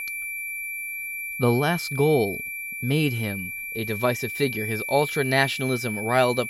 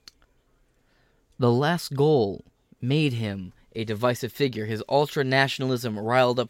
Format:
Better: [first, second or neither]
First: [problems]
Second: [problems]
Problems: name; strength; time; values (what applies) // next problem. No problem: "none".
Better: second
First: high-pitched whine; loud; throughout; 2.5 kHz, 6 dB below the speech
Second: none